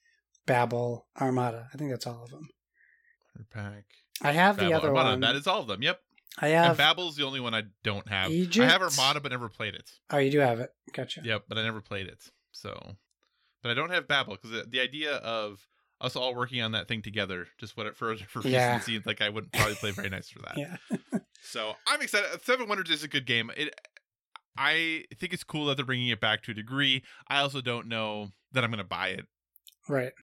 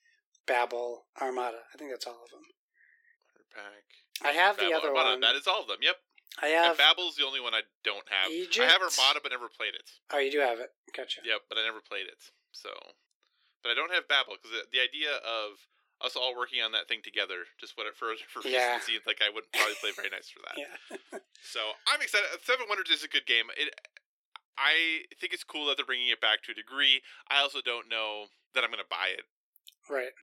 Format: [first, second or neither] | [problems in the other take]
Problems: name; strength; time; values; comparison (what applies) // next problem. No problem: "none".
first | thin; very; fading below 350 Hz